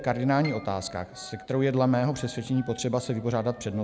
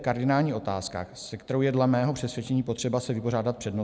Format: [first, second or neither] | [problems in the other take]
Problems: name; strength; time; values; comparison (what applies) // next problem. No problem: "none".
second | background sound (Wind instrument, woodwind instrument + Piano); 19 dB below the speech